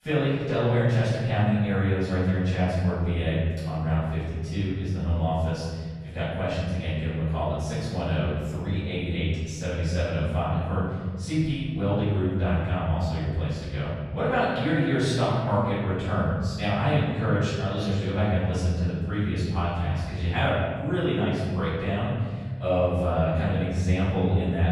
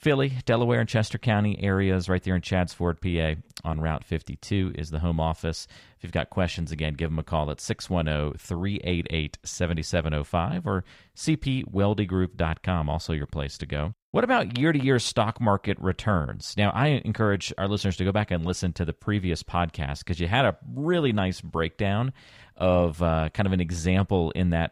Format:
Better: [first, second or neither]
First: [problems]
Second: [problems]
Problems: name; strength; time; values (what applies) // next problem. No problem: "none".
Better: second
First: off-mic speech; far // room echo; strong; dies away in 1.8 s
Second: none